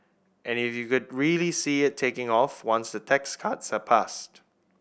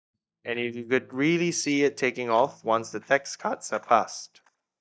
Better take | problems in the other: first | noise reduction (neural mask model DeepFilterNet 3)

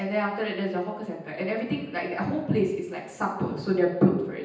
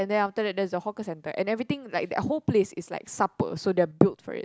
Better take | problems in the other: second | room echo; dies away in 0.9 s

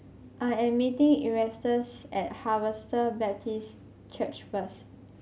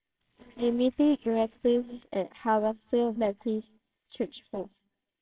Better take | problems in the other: first | noise reduction (neural separator model SepFormer WHAMR!)

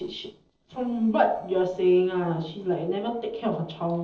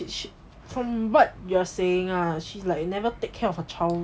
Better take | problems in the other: second | noise reduction (neural separator model SepFormer DNS4)

